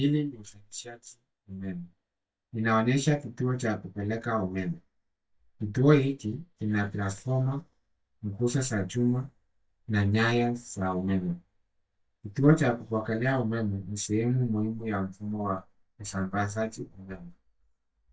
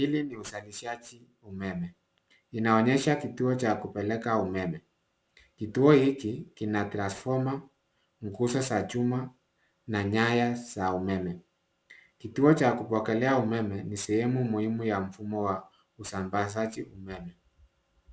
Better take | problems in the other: second | noise reduction (neural mask model DeepFilterNet 3)

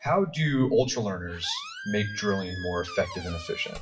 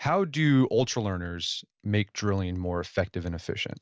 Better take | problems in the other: second | noise reduction (classical method WPE with log-MMSE)

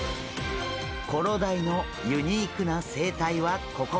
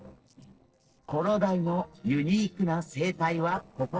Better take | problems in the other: first | noise reduction (neural separator model SepFormer DNS4)

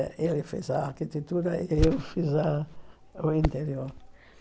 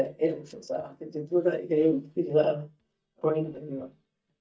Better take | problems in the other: first | noise reduction (neural mask model DeepFilterNet 3)

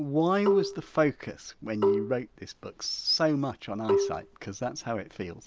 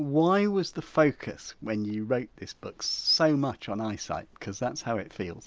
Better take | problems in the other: second | background sound (Marimba, xylophone); 1 dB above the speech

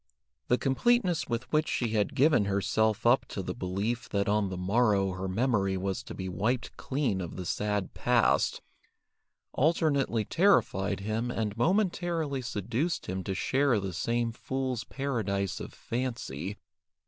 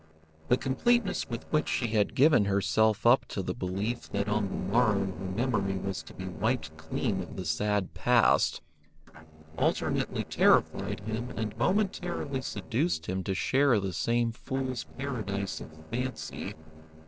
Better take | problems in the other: first | noise reduction (neural separator model SepFormer DNS4)

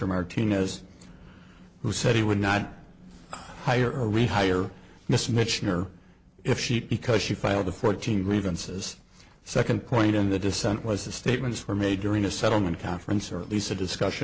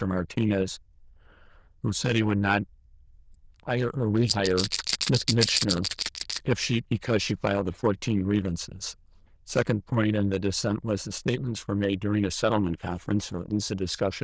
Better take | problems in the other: first | noise reduction (neural diffusion model UNIVERSE++)

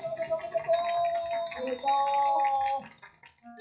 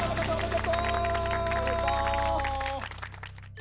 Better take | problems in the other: second | noise reduction (classical method WPE with log-MMSE)

